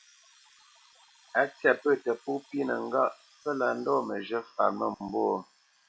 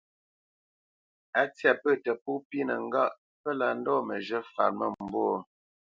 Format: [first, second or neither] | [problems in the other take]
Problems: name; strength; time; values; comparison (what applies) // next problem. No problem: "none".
second | noise reduction (classical method log-MMSE)